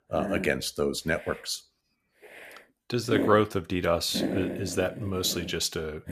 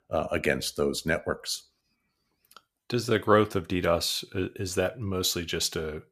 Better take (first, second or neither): second